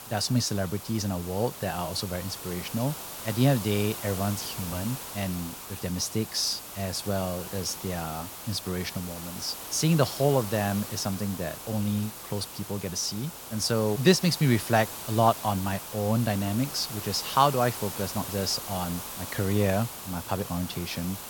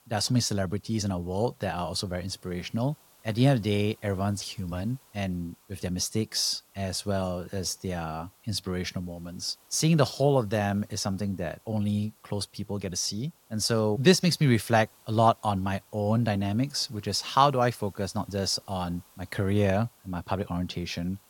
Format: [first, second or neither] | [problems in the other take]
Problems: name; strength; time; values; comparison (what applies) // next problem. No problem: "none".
second | hiss; loud; throughout; 9 dB below the speech; faint in the second